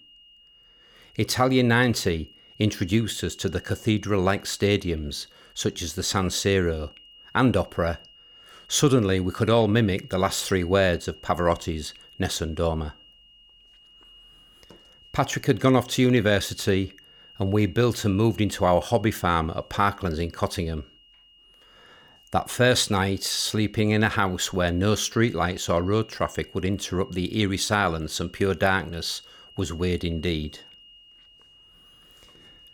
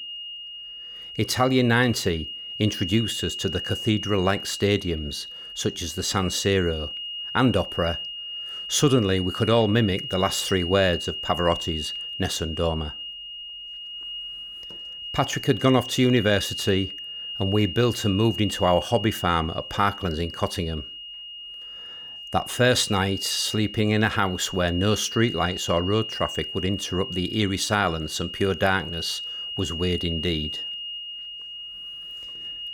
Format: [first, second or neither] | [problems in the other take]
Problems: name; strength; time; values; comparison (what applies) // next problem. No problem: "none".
first | high-pitched whine; loud; throughout; 3 kHz, 8 dB below the speech; faint in the first